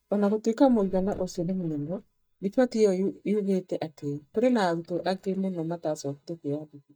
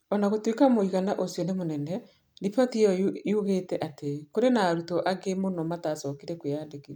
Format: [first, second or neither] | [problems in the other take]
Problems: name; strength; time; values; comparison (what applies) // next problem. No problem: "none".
second | noise reduction (neural mask model DeepFilterNet 3)